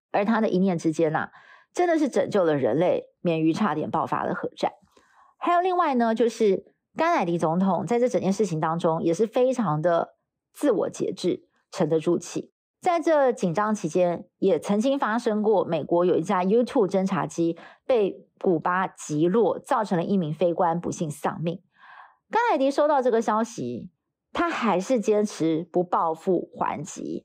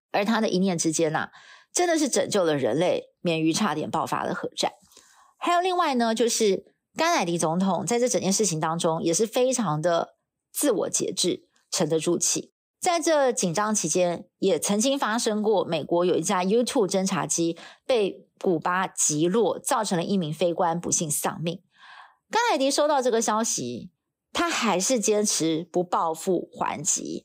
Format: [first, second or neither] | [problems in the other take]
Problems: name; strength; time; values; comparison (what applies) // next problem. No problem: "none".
second | muffled; very; fading above 3 kHz